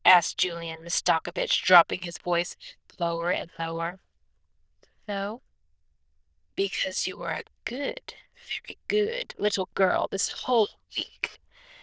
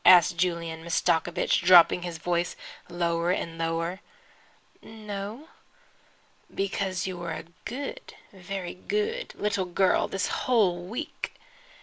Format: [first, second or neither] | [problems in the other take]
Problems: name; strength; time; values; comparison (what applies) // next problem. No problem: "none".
second | noise reduction (neural diffusion model UNIVERSE++)